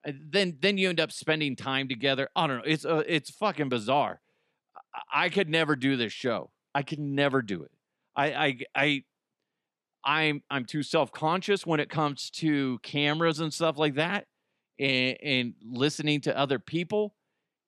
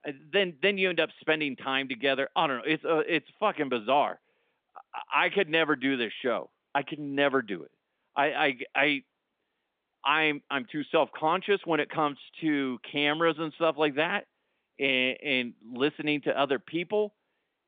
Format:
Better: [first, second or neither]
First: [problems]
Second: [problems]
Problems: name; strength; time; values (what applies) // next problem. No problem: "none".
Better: first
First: none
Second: phone-call audio